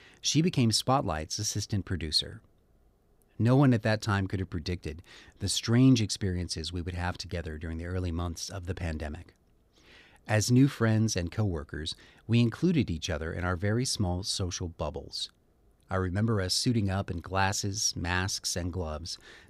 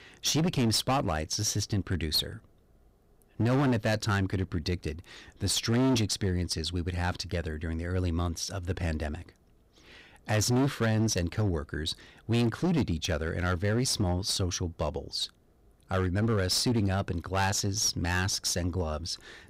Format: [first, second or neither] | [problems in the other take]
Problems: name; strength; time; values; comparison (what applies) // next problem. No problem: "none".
first | distortion; heavy; 11% of the sound clipped